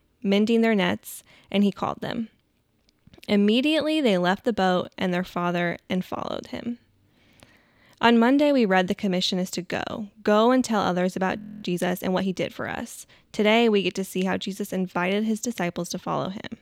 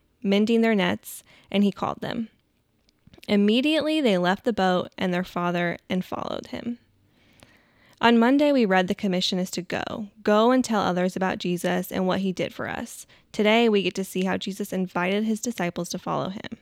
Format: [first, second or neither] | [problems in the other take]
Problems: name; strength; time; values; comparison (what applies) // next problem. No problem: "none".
second | audio freezing; at 11 s